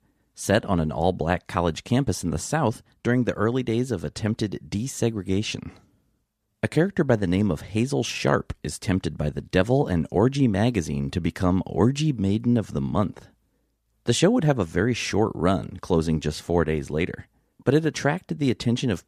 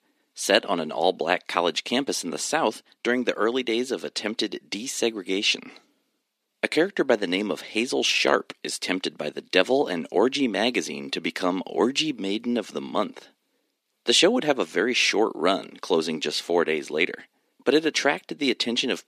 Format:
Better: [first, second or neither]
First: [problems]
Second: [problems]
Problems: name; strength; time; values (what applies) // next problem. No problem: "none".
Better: first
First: none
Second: thin; somewhat; fading below 250 Hz